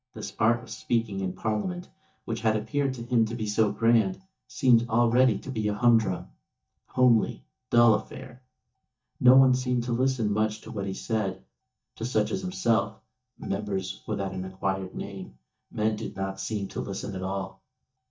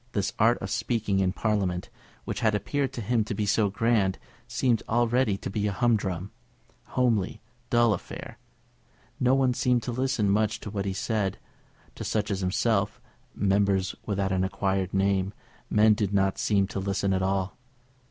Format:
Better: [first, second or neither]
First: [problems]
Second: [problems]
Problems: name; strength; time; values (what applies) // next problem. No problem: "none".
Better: second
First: noise reduction (neural mask model DeepFilterNet 3)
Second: none